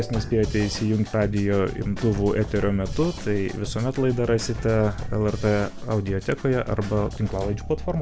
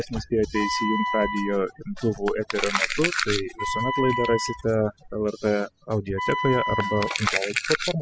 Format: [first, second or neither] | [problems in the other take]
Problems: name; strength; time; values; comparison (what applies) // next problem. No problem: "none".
first | noise reduction (classical method spectral subtraction)